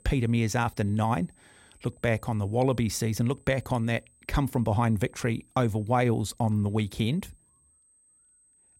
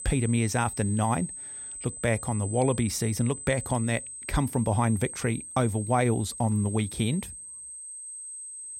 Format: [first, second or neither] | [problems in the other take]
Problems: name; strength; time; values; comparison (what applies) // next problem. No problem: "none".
first | high-pitched whine; loud; throughout; 8 kHz, 9 dB below the speech; faint in the first